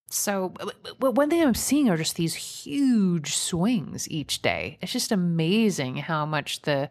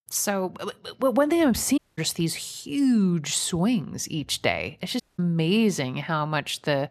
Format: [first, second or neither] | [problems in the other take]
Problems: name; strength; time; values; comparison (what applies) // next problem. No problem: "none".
first | audio cutting out; at 2 s and at 5 s